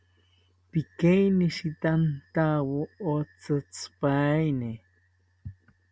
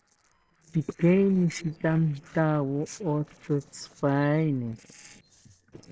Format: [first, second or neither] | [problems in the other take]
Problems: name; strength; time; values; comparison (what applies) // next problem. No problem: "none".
first | noise reduction (neural separator model SepFormer DNS4)